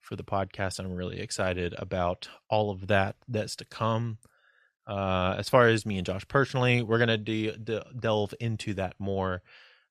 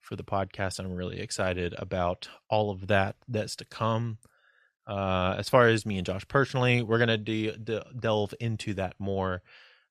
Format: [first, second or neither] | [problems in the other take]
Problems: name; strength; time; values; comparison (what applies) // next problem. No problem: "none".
neither | none